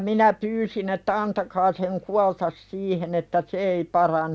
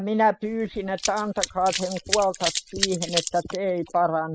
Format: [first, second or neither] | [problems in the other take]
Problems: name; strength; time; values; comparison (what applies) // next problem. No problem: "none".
first | noise reduction (classical method spectral subtraction)